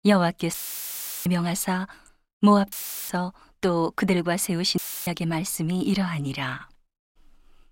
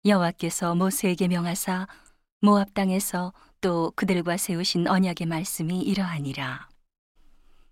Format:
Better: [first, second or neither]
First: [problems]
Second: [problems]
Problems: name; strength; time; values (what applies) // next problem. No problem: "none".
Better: second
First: audio cutting out; filled with static; at 0.5 s for 0.5 s, at 2.5 s and at 5 s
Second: none